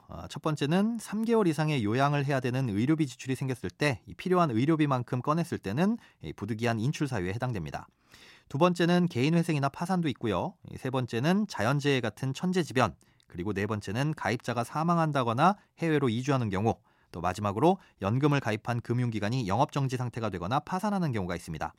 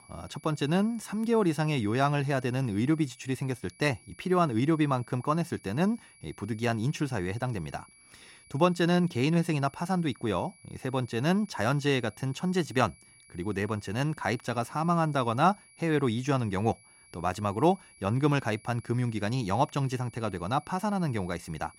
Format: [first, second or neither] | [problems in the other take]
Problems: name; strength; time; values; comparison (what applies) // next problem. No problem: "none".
first | high-pitched whine; faint; throughout; 2.5 kHz, 25 dB below the speech